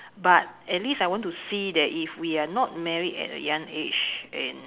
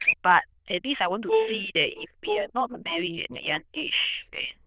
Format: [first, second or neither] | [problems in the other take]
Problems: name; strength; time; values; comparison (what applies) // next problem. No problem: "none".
first | noise reduction (neural diffusion model UNIVERSE++)